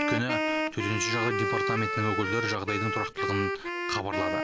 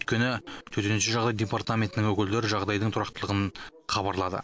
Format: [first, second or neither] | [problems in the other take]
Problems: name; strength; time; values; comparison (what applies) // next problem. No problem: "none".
second | background sound (Wind instrument, woodwind instrument); 2 dB above the speech